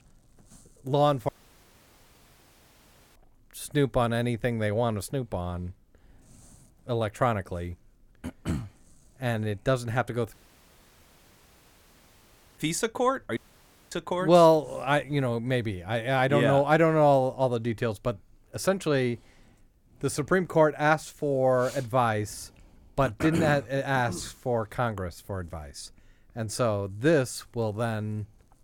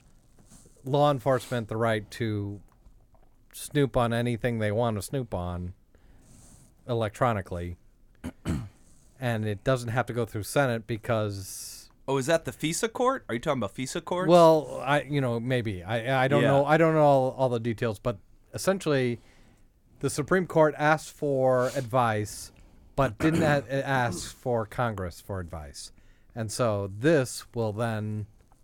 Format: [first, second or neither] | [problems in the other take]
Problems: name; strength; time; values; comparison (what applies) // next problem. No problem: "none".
second | audio cutting out; at 1.5 s for 2 s, at 10 s for 2.5 s and at 13 s for 0.5 s